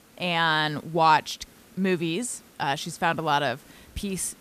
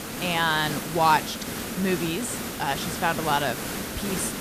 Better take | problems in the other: first | hiss; loud; throughout; 5 dB below the speech; faint in the first

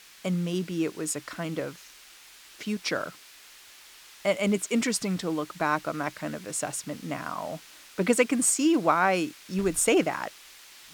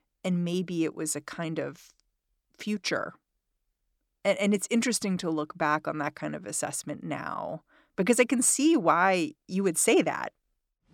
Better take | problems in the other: second | hiss; faint; throughout; 20 dB below the speech

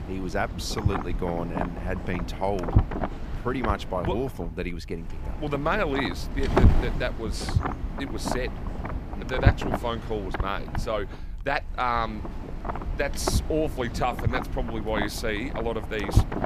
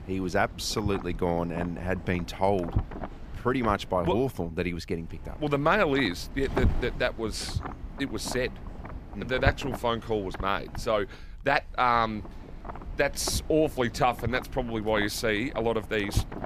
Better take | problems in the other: second | wind noise on the microphone; heavy; 5 dB below the speech; occasional gusts in the second

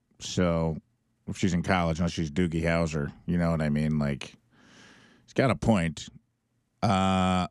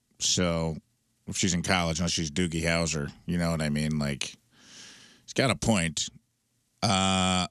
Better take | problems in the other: second | muffled; slightly; fading above 2.5 kHz

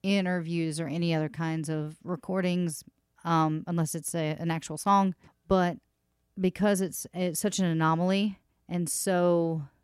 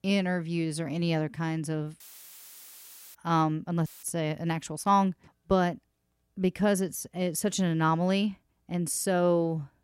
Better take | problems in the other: first | audio cutting out; filled with static; at 2 s for 1 s and at 4 s

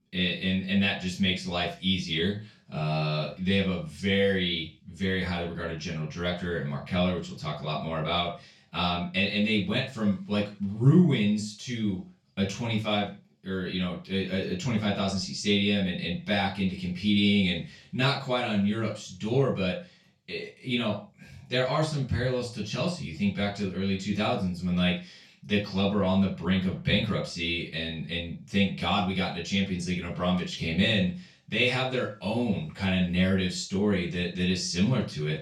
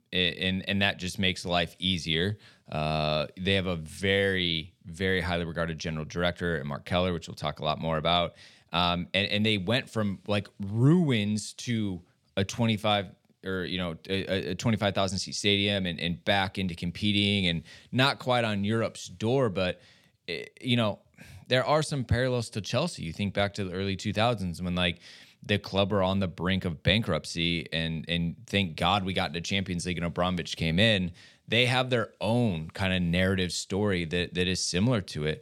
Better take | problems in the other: second | room echo; noticeable; dies away in 0.3 s // off-mic speech; far

